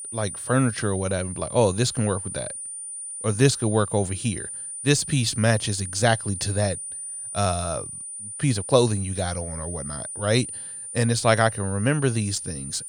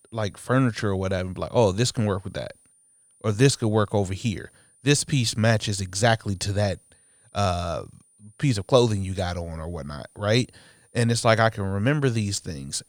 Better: second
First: high-pitched whine; loud; throughout; 9.5 kHz, 8 dB below the speech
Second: high-pitched whine; faint; throughout; 9.5 kHz, 35 dB below the speech

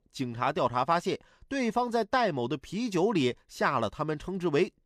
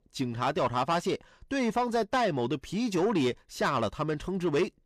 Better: first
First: none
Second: distortion; slight; 10 dB below the speech

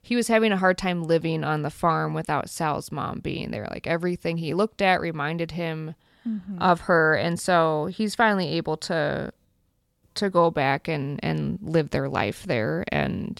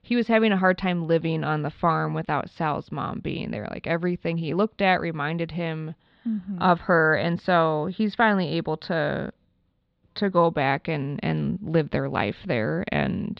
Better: first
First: none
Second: muffled; very slightly; fading above 4 kHz

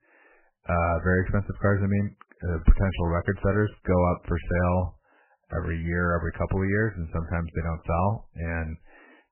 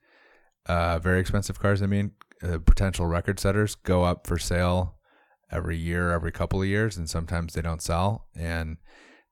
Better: second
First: garbled, watery; badly; nothing above 2.5 kHz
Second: none

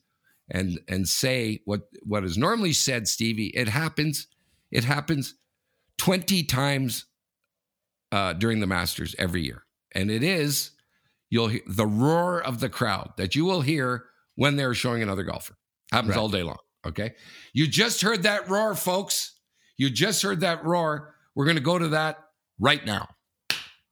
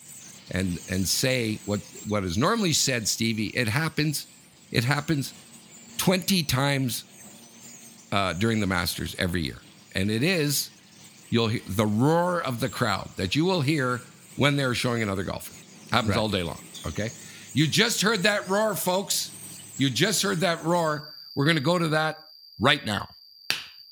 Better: first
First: none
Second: animal sounds; noticeable; throughout; 20 dB below the speech

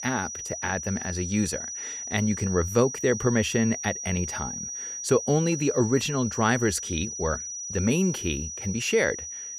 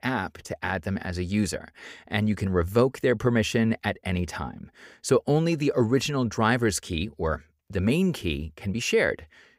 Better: second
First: high-pitched whine; loud; throughout; 6 kHz, 6 dB below the speech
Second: none

